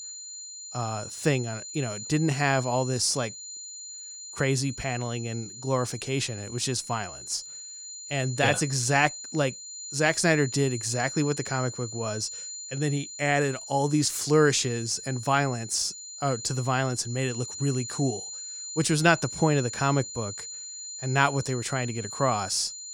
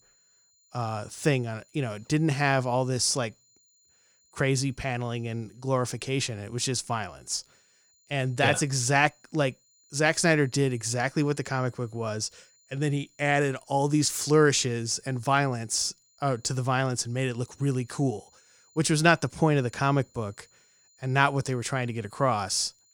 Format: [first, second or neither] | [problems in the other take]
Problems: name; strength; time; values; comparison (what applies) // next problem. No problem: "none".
second | high-pitched whine; loud; throughout; 7 kHz, 10 dB below the speech; faint in the second